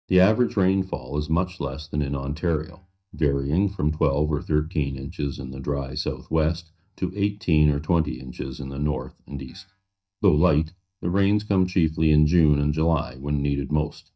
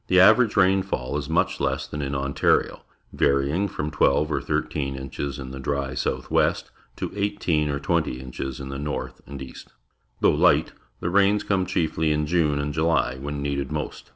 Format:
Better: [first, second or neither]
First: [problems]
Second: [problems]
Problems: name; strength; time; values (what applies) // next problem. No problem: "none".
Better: second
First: noise reduction (neural mask model DeepFilterNet 3)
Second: none